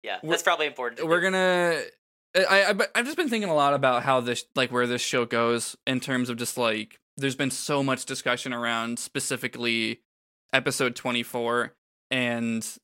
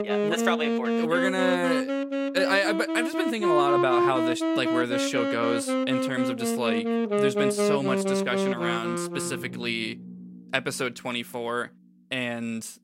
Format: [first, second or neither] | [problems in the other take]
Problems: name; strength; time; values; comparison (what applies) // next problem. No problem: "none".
first | background music; very loud; throughout; 2 dB above the speech